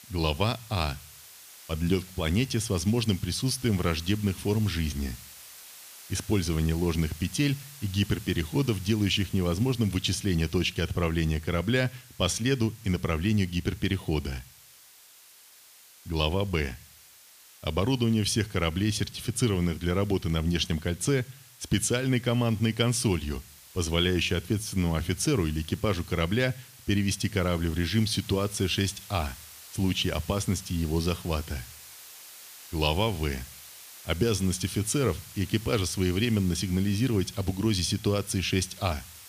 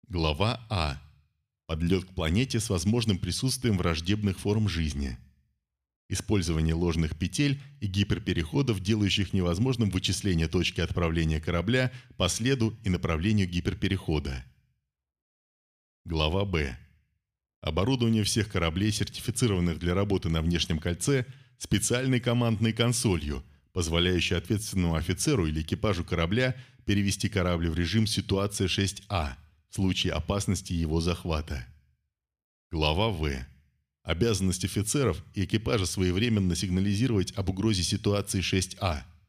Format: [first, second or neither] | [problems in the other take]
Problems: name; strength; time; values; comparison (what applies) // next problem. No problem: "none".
second | hiss; noticeable; throughout; 20 dB below the speech